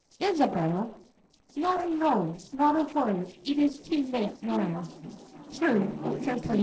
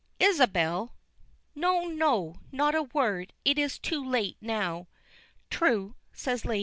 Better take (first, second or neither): second